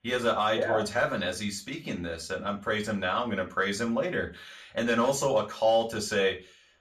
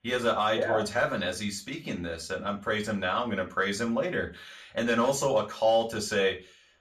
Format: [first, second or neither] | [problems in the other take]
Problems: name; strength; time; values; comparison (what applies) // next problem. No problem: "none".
neither | room echo; very slight; dies away in 0.3 s; the same in both // off-mic speech; far; the same in both